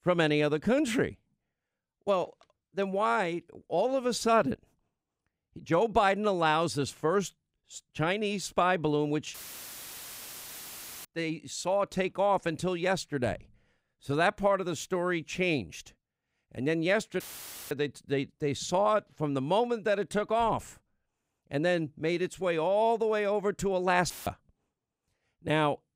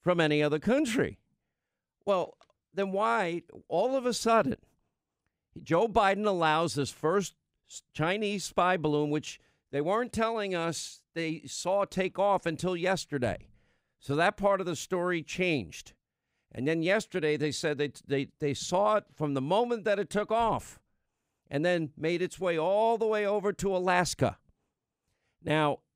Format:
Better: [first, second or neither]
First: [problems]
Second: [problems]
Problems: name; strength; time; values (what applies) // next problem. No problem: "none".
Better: second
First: audio cutting out; filled with static; at 9.5 s for 1.5 s, at 17 s for 0.5 s and at 24 s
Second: none